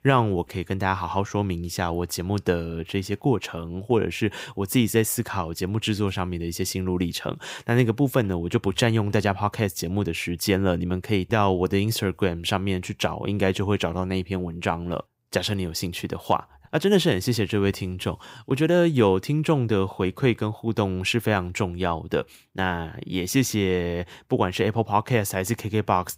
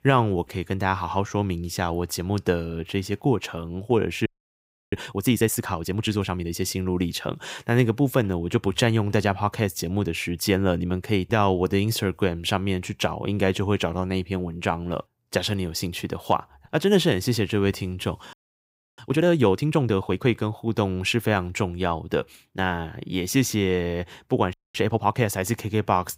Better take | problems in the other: first | audio freezing; at 4.5 s for 0.5 s, at 18 s for 0.5 s and at 25 s

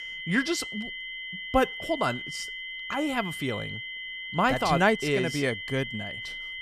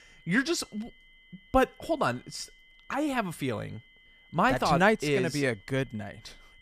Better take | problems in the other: second | high-pitched whine; loud; throughout; 2 kHz, 7 dB below the speech; faint in the second

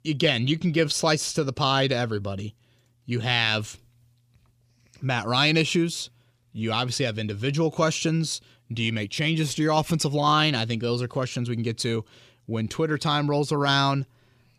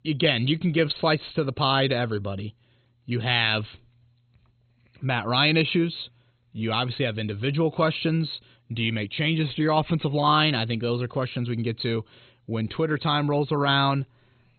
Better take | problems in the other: first | garbled, watery; badly; nothing above 4 kHz

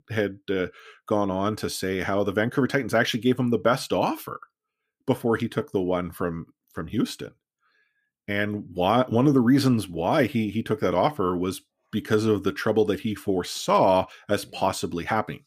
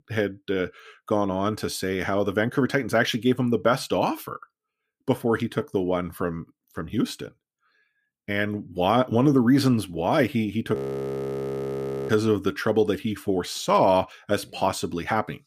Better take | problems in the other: first | audio freezing; at 11 s for 1.5 s

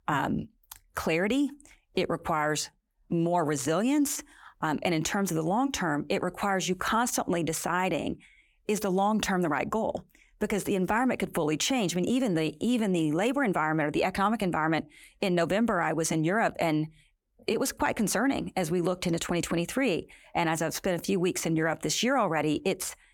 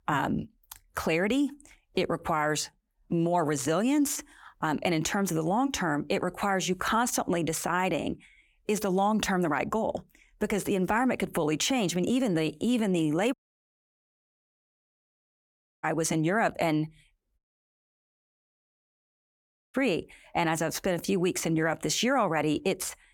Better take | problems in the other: first | audio cutting out; at 13 s for 2.5 s and at 17 s for 2.5 s

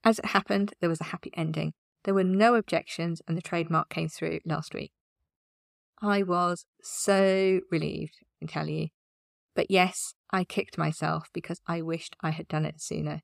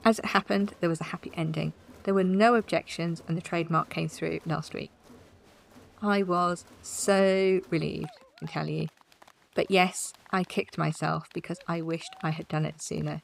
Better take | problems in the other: first | crowd noise; faint; throughout; 25 dB below the speech

